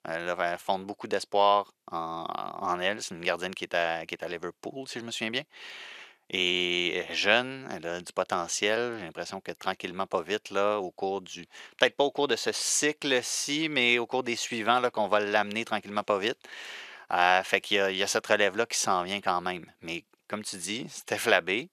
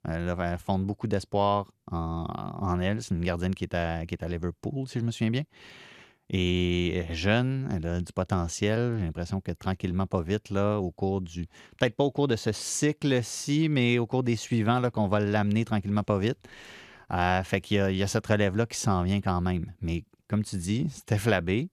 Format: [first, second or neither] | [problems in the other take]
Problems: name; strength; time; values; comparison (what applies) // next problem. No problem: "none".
second | thin; very; fading below 500 Hz